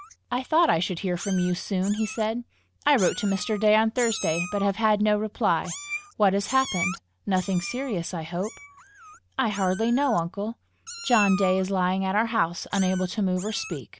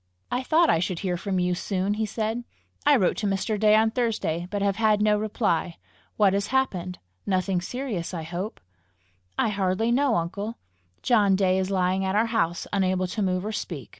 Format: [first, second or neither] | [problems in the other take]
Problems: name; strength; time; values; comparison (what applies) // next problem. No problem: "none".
second | background sound (Meow); 13 dB below the speech